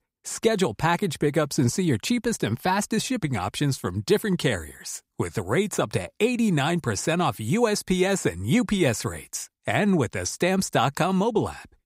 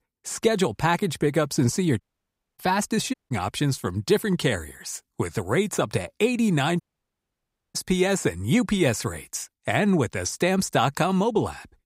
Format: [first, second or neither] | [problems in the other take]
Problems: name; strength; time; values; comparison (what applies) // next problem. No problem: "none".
first | audio cutting out; at 2 s for 0.5 s, at 3 s and at 7 s for 1 s